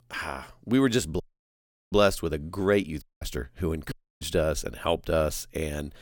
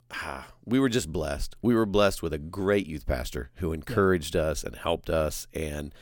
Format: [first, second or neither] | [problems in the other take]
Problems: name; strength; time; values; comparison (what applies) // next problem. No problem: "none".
second | audio cutting out; at 1 s for 0.5 s, at 3 s and at 4 s